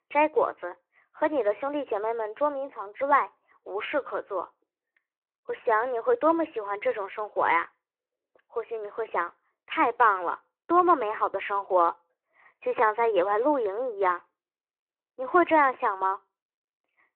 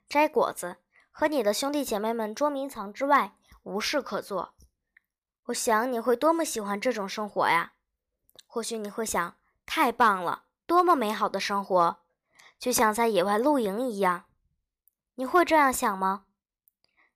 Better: second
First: phone-call audio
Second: none

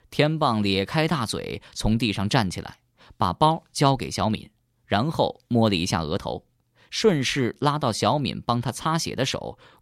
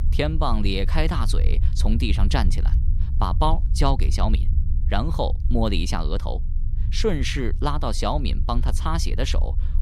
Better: first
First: none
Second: low rumble; noticeable; throughout; 15 dB below the speech

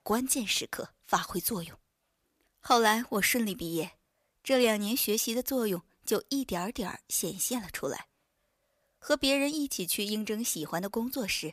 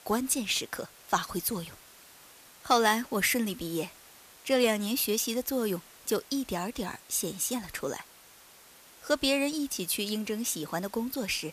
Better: first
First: none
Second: hiss; faint; throughout; 20 dB below the speech

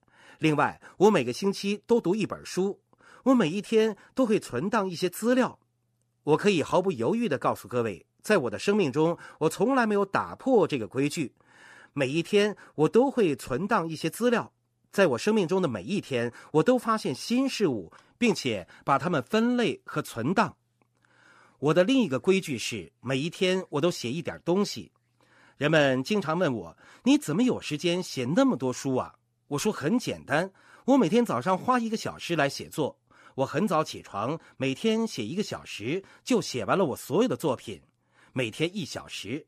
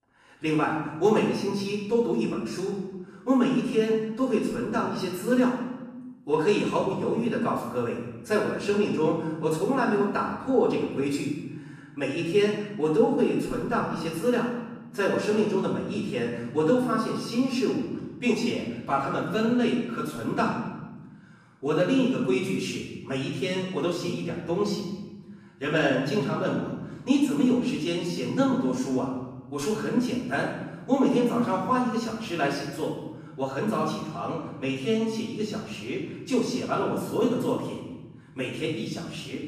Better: first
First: none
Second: room echo; noticeable; dies away in 1.1 s // off-mic speech; far

